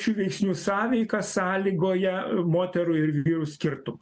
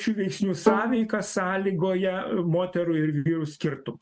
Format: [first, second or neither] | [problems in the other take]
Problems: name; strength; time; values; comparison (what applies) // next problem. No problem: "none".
first | noise reduction (neural mask model RNNoise)